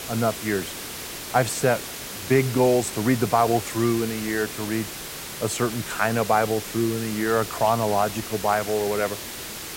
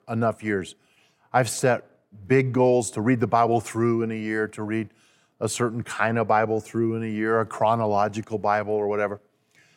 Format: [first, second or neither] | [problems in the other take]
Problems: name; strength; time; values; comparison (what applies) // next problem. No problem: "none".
second | hiss; loud; throughout; 9 dB below the speech